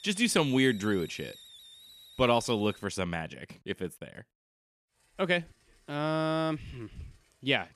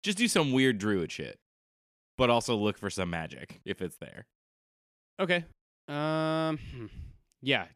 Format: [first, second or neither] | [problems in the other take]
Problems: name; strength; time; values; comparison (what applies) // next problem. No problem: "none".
second | hiss; noticeable; until 3 s and from 5 s on; 20 dB below the speech